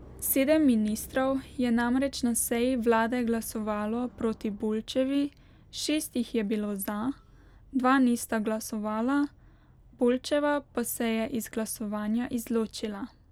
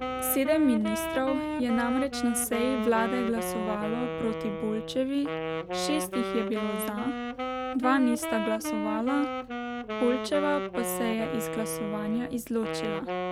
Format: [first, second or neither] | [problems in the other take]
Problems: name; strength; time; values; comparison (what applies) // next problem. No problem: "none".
first | background sound (Wind instrument, woodwind instrument); 4 dB below the speech